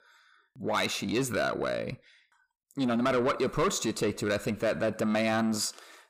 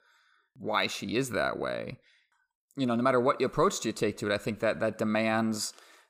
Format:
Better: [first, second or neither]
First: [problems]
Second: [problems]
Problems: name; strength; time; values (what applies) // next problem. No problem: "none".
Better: second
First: distortion; slight; 10 dB below the speech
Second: none